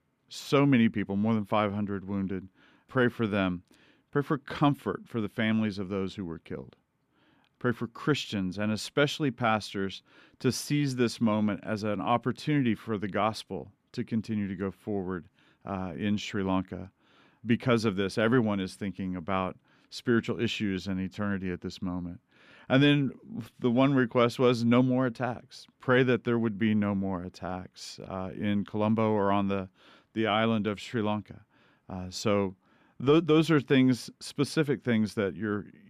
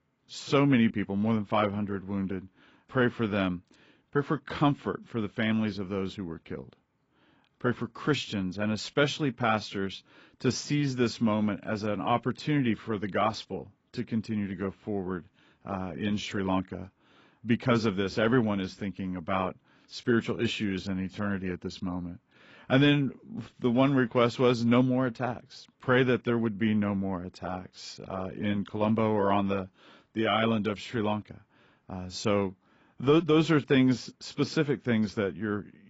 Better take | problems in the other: first | garbled, watery; badly; nothing above 7.5 kHz

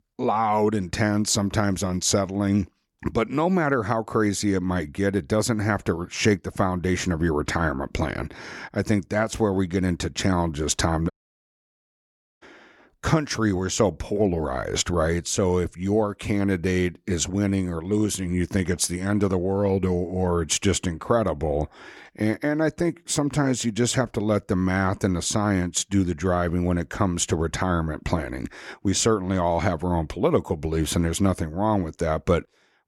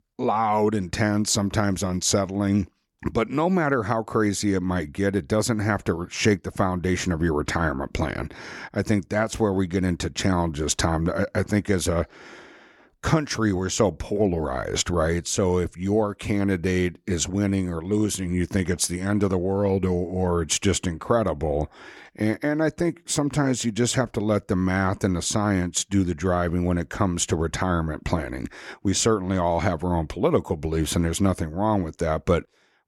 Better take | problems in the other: second | audio cutting out; at 11 s for 1.5 s

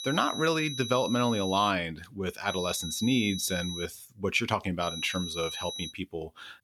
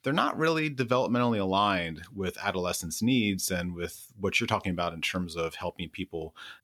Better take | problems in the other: second | high-pitched whine; loud; until 1.5 s, from 2.5 to 4 s and from 5 to 6 s; 4 kHz, 7 dB below the speech

